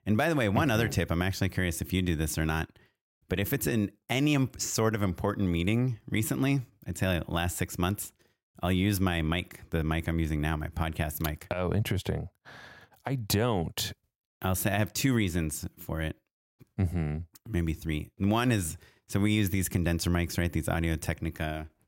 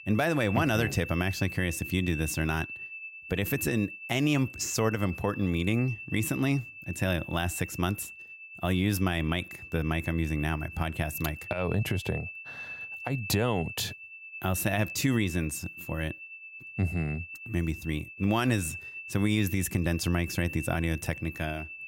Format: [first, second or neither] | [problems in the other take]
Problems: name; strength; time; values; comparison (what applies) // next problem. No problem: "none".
first | high-pitched whine; noticeable; throughout; 2.5 kHz, 10 dB below the speech